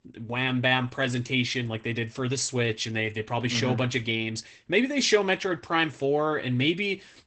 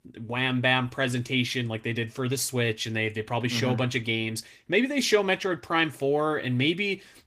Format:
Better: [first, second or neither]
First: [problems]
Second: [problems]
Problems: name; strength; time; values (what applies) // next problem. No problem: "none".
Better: second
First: garbled, watery; badly; nothing above 8 kHz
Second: garbled, watery; slightly; nothing above 15 kHz